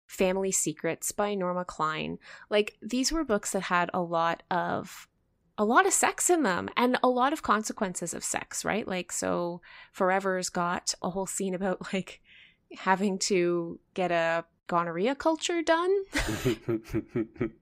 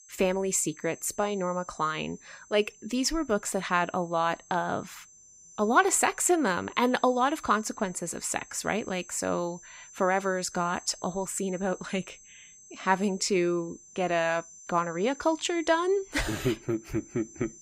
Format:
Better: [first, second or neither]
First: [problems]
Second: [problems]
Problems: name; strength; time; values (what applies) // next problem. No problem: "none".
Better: first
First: none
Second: high-pitched whine; faint; throughout; 6 kHz, 20 dB below the speech